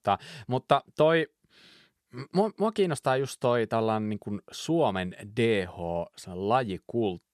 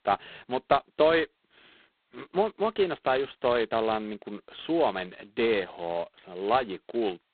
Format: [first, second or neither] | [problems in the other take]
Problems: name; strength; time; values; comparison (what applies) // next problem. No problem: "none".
first | phone-call audio; poor line; nothing above 4 kHz